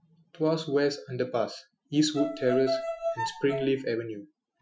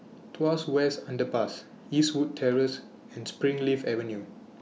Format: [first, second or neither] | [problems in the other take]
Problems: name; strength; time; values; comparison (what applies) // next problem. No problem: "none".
second | noise reduction (classical method Wiener filter)